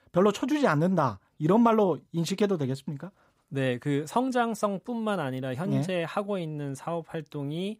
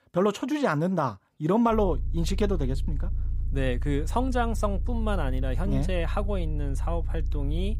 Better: first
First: none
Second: low rumble; faint; from 1.5 s on; 20 dB below the speech

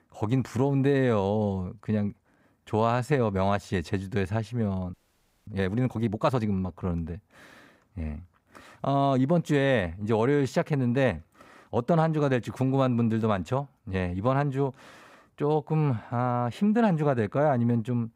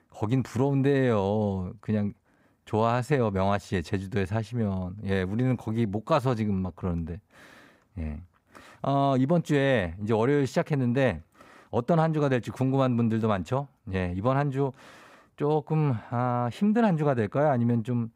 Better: second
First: audio freezing; at 5 s for 0.5 s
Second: none

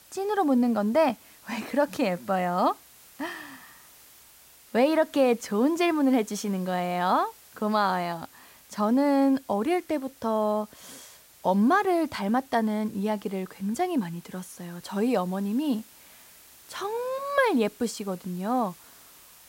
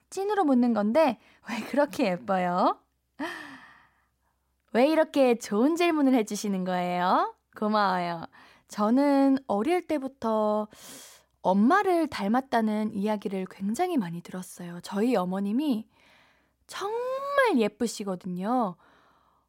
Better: second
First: hiss; faint; throughout; 25 dB below the speech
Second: none

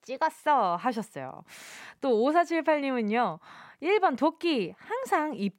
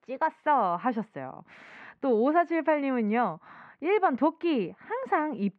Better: first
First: none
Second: muffled; slightly; fading above 2 kHz

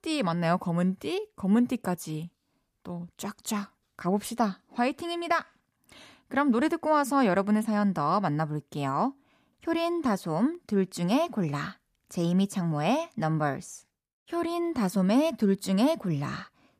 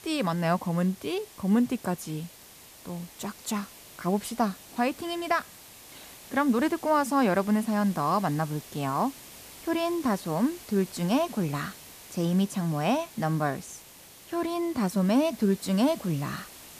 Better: first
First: none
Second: hiss; noticeable; throughout; 20 dB below the speech

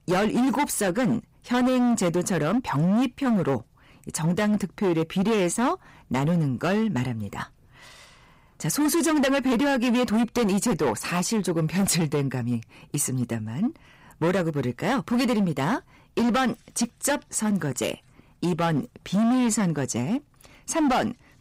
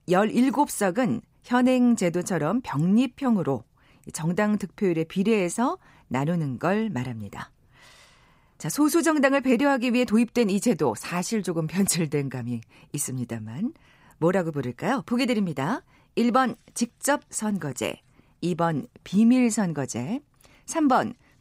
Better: second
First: distortion; heavy; 16% of the sound clipped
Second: none

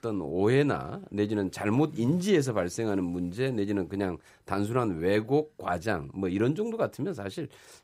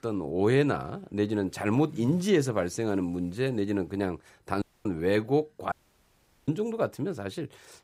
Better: first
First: none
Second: audio cutting out; at 4.5 s and at 5.5 s for 1 s

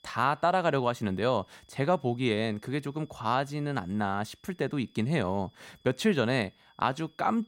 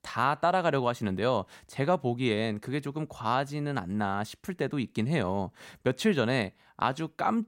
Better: second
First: high-pitched whine; faint; throughout; 3.5 kHz, 35 dB below the speech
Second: none

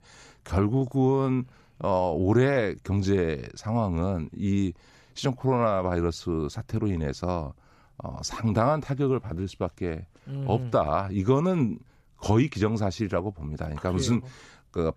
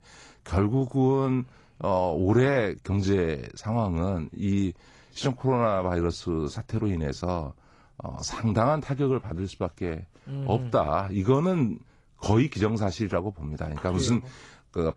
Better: first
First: none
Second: garbled, watery; slightly; nothing above 10 kHz

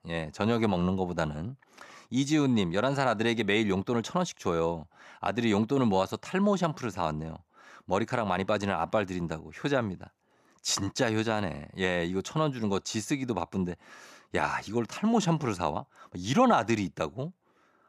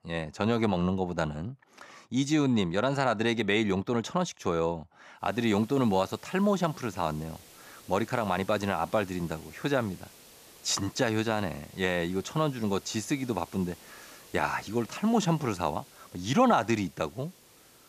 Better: first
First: none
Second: hiss; faint; from 5 s on; 20 dB below the speech

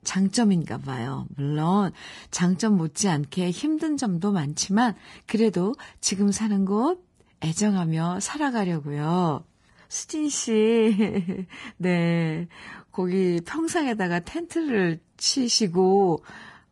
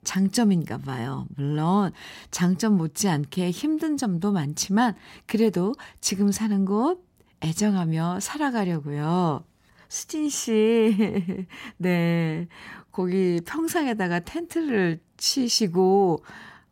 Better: second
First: garbled, watery; slightly; nothing above 10 kHz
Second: none

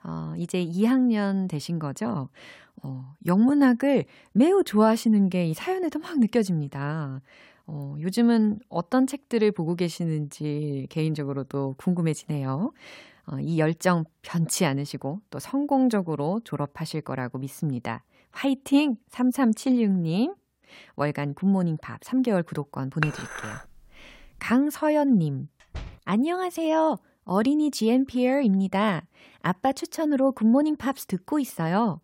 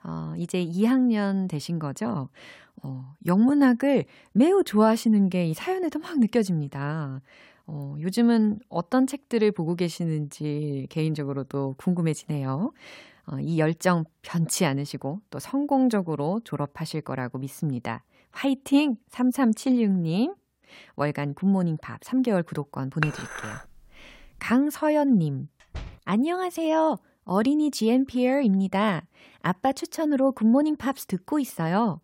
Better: neither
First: clattering dishes; noticeable; at 23 s; peak 6 dB below the speech // door banging; faint; at 26 s; peak 15 dB below the speech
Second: clattering dishes; noticeable; at 23 s; peak 6 dB below the speech // door banging; faint; at 26 s; peak 15 dB below the speech

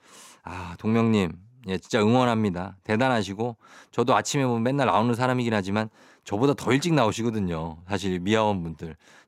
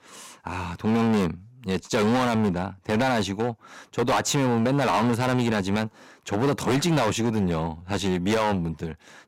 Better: first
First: none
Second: distortion; heavy; 16% of the sound clipped

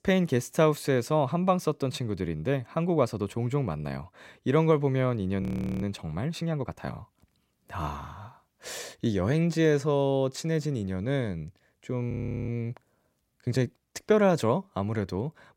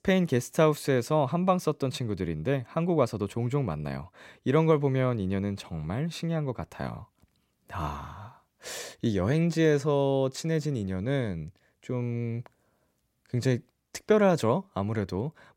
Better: second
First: audio freezing; at 5.5 s and at 12 s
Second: none

